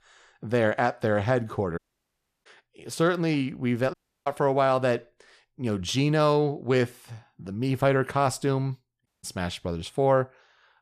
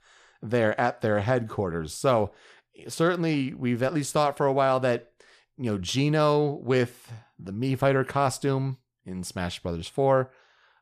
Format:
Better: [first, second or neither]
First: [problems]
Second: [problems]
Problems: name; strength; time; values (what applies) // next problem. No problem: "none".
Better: second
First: audio cutting out; at 2 s for 0.5 s, at 4 s and at 9 s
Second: none